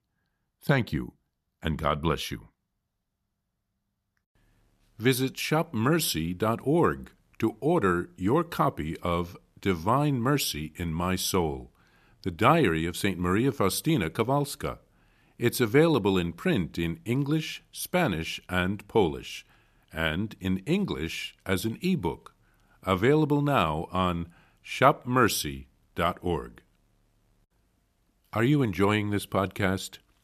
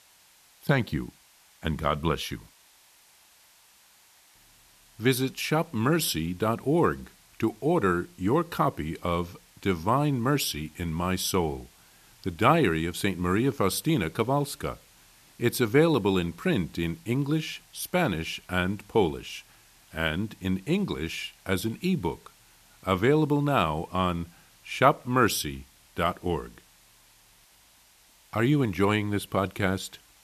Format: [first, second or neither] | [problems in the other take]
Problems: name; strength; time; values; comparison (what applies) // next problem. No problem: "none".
first | hiss; faint; throughout; 30 dB below the speech